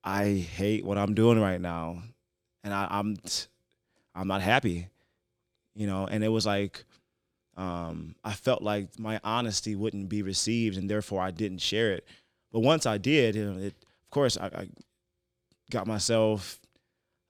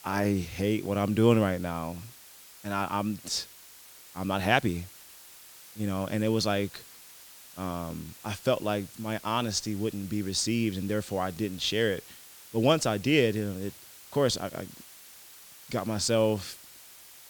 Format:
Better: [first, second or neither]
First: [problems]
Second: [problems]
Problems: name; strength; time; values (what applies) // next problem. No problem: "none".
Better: first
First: none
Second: hiss; noticeable; throughout; 20 dB below the speech